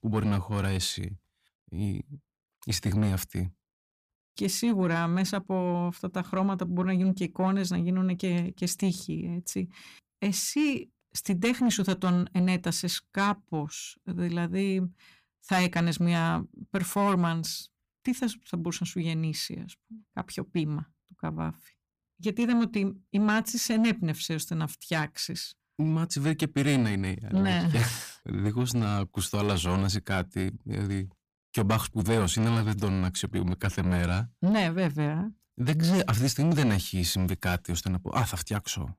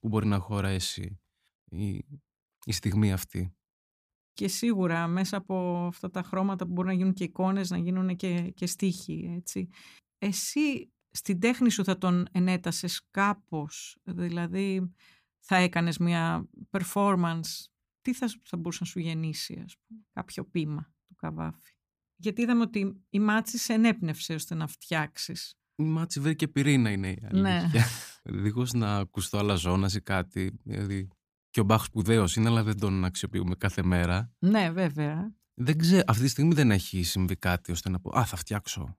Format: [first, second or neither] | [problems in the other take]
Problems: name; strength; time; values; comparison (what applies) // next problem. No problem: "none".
second | distortion; slight; 10 dB below the speech